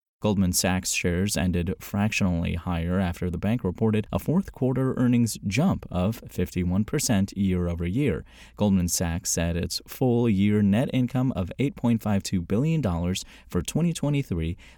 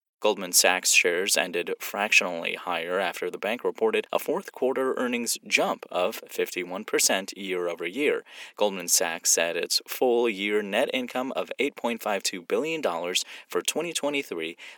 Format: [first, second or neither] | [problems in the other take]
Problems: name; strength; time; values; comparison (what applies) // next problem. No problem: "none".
first | thin; very; fading below 350 Hz